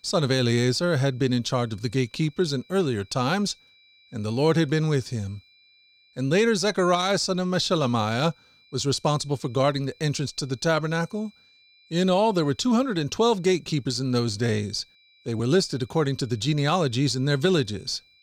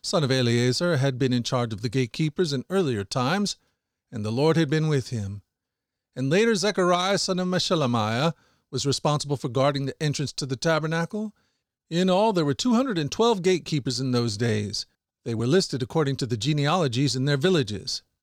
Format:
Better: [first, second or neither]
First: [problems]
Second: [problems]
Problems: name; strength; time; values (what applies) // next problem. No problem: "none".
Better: second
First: high-pitched whine; faint; throughout; 4 kHz, 30 dB below the speech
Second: none